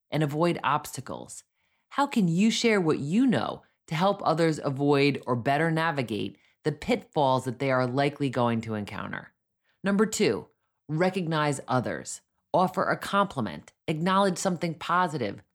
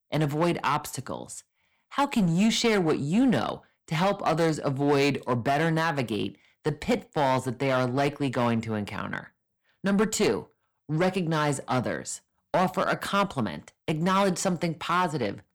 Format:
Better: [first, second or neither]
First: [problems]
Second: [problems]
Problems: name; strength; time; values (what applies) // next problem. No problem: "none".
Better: first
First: none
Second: distortion; slight; 7% of the sound clipped